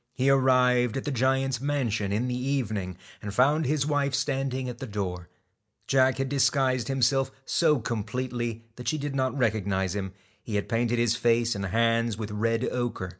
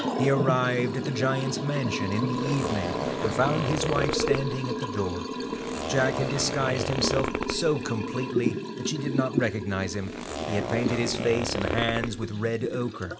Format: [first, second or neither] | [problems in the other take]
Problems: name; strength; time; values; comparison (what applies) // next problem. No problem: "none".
first | background sound (Zipper (clothing) + Liquid); 1 dB below the speech